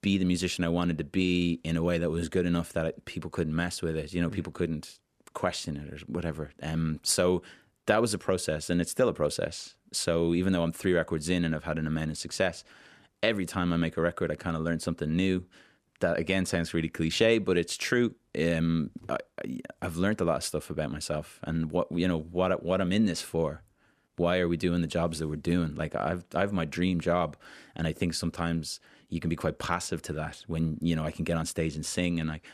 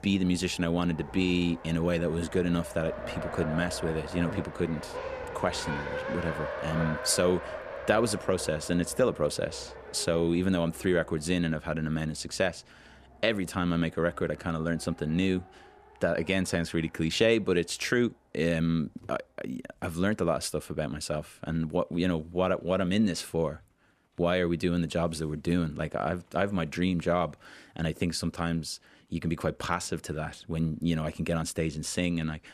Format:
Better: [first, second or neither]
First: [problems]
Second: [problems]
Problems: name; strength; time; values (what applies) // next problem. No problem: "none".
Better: first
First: none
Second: traffic noise; noticeable; throughout; 10 dB below the speech